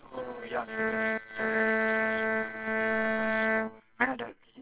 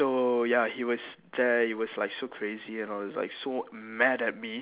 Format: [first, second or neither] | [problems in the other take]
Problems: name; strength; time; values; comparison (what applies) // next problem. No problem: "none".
second | noise reduction (neural separator model SepFormer WHAMR!)